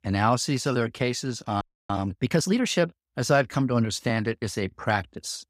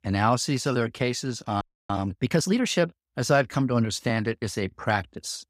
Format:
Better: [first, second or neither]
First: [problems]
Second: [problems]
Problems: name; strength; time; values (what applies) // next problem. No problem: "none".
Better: neither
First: audio freezing; at 1.5 s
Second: audio freezing; at 1.5 s